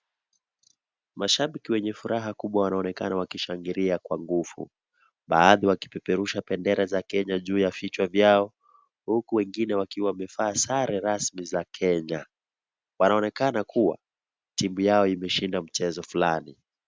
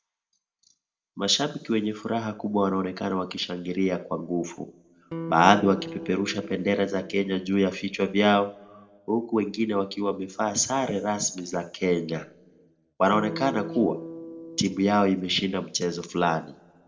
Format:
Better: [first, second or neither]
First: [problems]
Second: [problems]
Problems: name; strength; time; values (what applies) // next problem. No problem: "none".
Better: first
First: none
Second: noise reduction (neural separator model SepFormer DNS4)